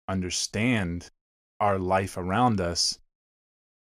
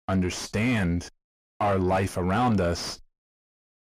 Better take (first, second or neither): first